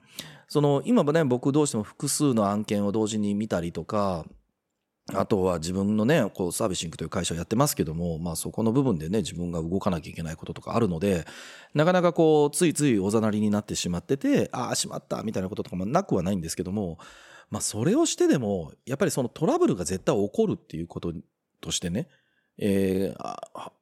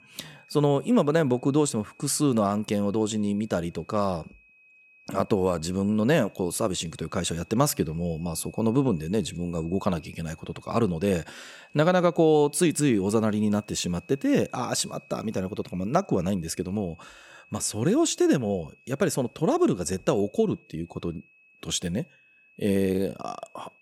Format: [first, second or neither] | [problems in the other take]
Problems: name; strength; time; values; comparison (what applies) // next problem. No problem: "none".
first | high-pitched whine; faint; throughout; 2.5 kHz, 30 dB below the speech